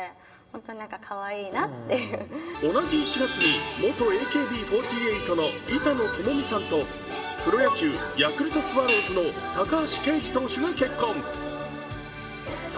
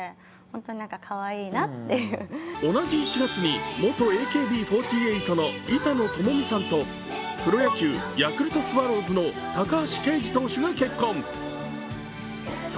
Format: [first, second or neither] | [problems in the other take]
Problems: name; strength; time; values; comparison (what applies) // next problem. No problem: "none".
second | background sound (Hi-hat); 7 dB below the speech // room echo; dies away in 2.7 s